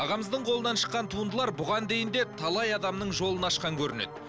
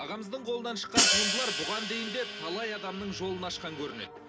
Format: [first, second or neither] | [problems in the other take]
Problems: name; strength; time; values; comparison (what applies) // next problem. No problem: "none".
first | background sound (Hi-hat); 4 dB above the speech // room echo; dies away in 0.3 s